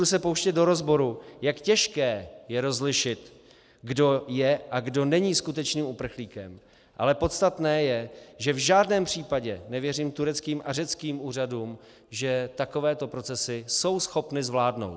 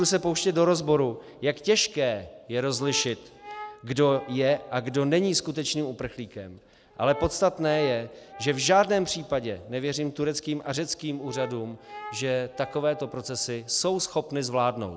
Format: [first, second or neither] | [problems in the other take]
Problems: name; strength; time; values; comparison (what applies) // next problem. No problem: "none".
first | background sound (Brass instrument); 19 dB below the speech